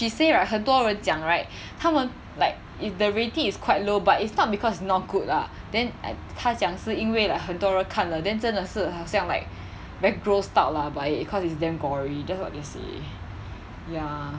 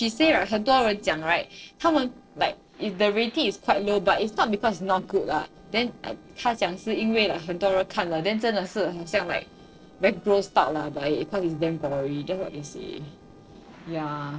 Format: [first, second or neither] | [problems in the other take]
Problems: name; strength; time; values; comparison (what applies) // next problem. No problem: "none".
first | noise reduction (neural separator model SepFormer DNS4)